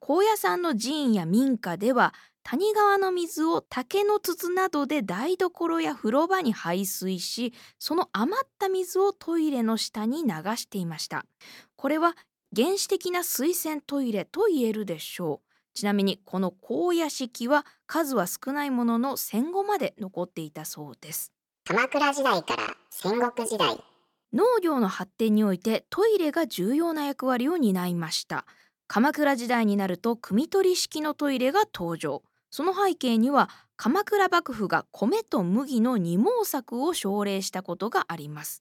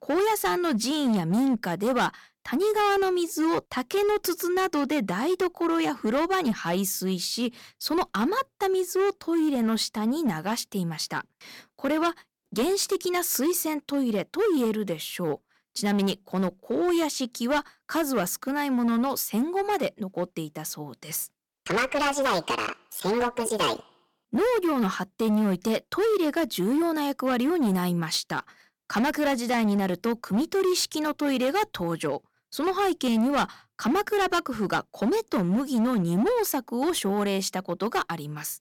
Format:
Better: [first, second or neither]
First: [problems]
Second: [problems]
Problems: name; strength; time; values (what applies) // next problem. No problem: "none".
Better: first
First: none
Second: distortion; slight; 13% of the sound clipped